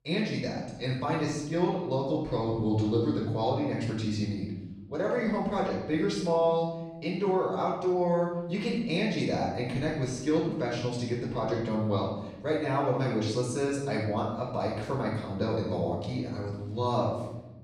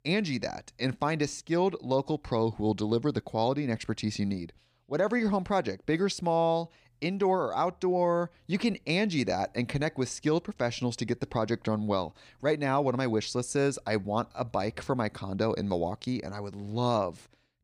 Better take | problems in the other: second | room echo; noticeable; dies away in 1.1 s // off-mic speech; far

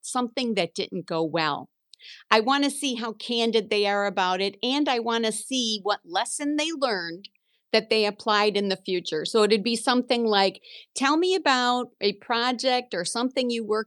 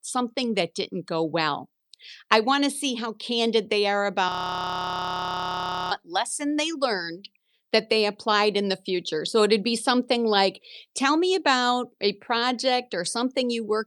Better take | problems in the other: first | audio freezing; at 4.5 s for 1.5 s

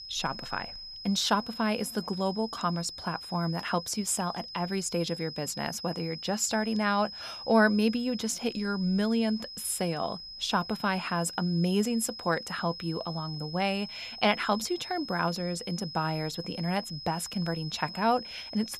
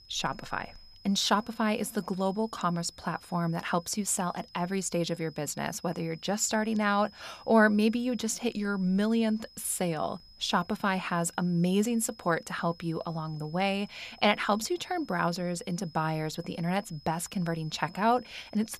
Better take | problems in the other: second | high-pitched whine; loud; throughout; 5 kHz, 10 dB below the speech; faint in the second

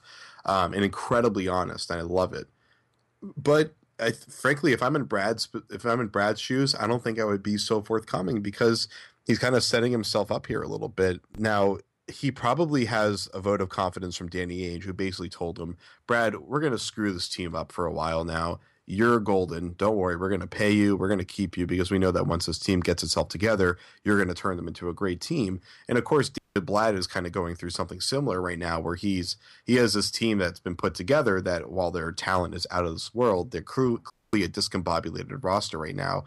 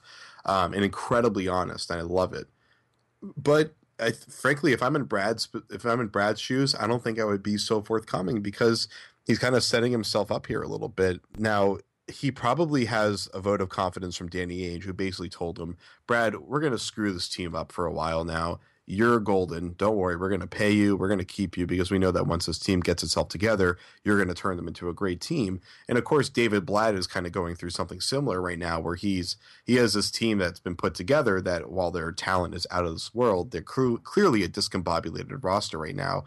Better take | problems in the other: second | audio cutting out; at 26 s and at 34 s

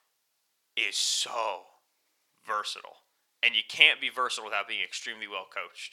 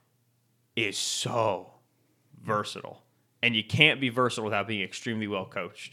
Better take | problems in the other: second | thin; very; fading below 850 Hz

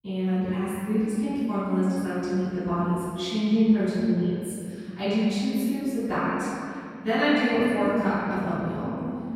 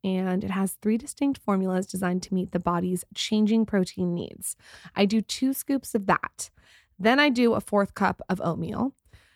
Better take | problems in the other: second | off-mic speech; far // room echo; strong; dies away in 2.4 s

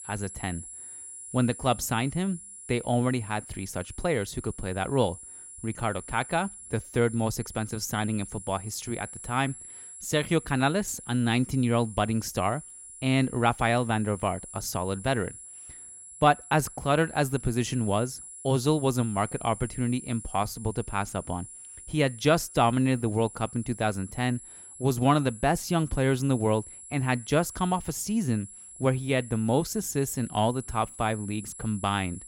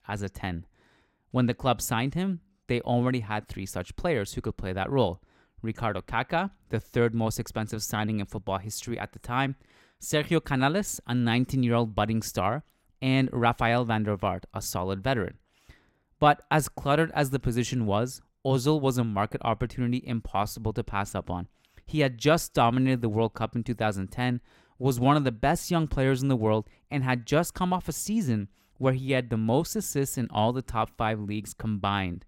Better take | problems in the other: second | high-pitched whine; noticeable; throughout; 10.5 kHz, 15 dB below the speech

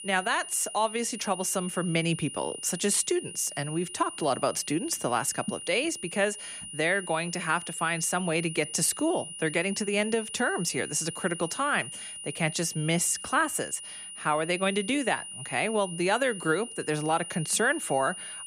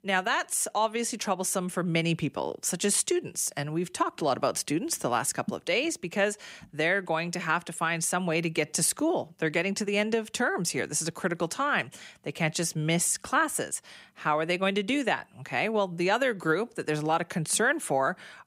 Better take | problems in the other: second | high-pitched whine; loud; throughout; 9.5 kHz, 10 dB below the speech

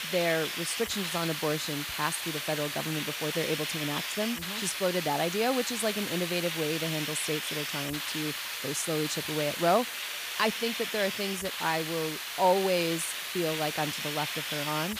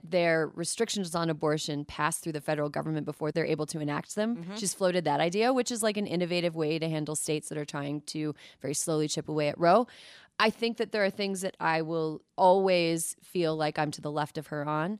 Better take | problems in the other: second | hiss; loud; throughout; 2 dB below the speech

